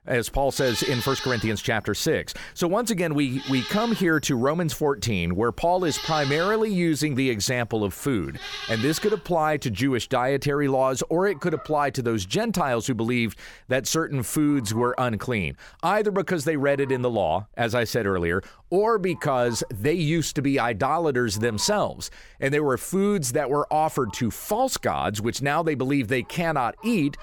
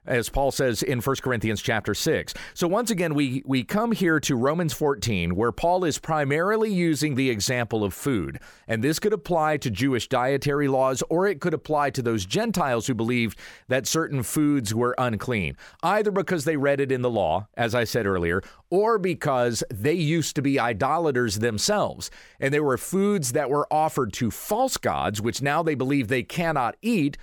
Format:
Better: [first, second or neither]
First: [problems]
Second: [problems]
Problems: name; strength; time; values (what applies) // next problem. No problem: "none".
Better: second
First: animal sounds; noticeable; throughout; 10 dB below the speech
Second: none